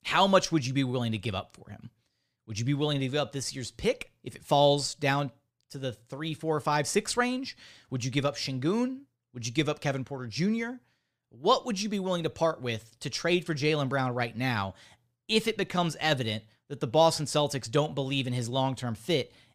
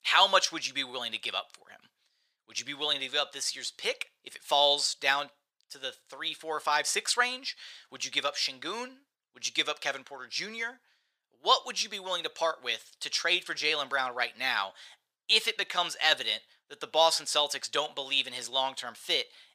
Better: first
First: none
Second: thin; very; fading below 800 Hz

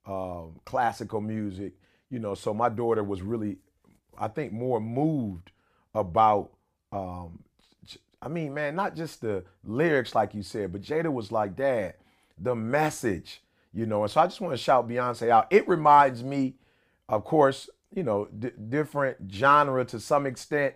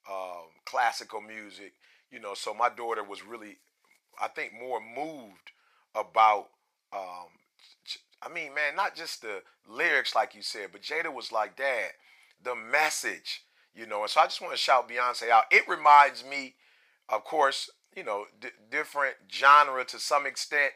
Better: first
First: none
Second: thin; very; fading below 900 Hz

